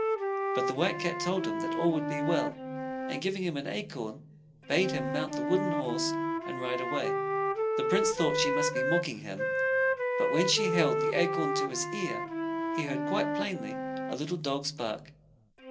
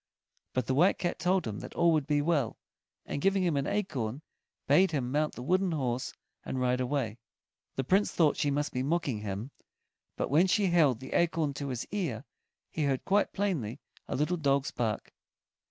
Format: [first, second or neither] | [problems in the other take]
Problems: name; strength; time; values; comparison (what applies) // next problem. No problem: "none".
second | background sound (Wind instrument, woodwind instrument); 1 dB above the speech // room echo; dies away in 0.2 s